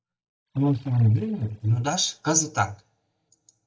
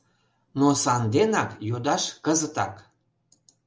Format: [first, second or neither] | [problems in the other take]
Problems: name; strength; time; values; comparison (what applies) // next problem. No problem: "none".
second | noise reduction (neural mask model DeepFilterNet 3)